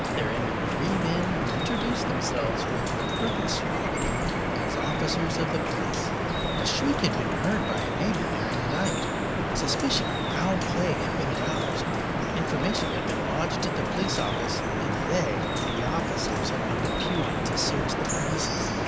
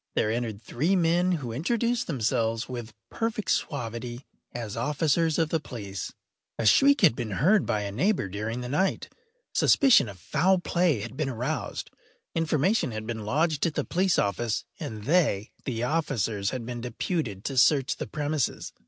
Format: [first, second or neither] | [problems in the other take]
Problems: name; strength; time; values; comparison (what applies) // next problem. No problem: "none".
second | background sound (Drip); 5 dB above the speech